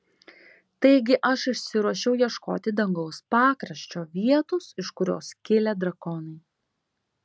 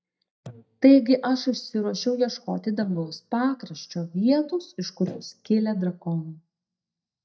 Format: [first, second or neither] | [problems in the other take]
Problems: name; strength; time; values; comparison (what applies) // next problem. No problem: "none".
first | noise reduction (neural mask model DeepFilterNet 3)